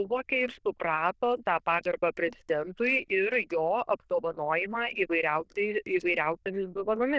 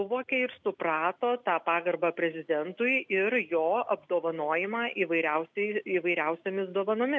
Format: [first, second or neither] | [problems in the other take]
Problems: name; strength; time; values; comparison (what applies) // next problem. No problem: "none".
second | noise reduction (neural diffusion model UNIVERSE++)